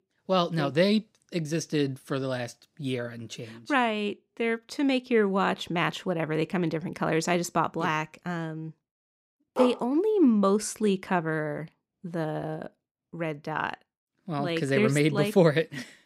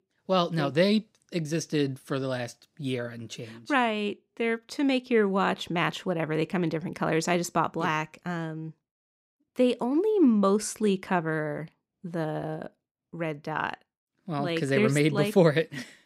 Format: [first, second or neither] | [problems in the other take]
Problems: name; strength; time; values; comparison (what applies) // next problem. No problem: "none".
second | dog barking; noticeable; at 9.5 s; peak 5 dB below the speech